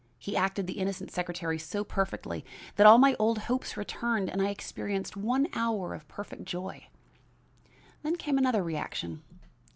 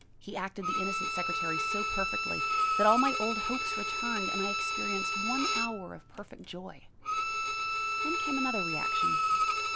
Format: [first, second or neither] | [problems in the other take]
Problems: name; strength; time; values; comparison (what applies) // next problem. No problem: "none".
first | background sound (Bowed string instrument); 5 dB above the speech